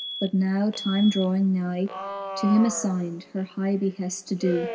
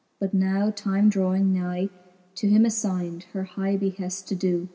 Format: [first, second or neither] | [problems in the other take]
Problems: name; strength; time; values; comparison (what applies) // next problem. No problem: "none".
second | background sound (Alarm); 12 dB below the speech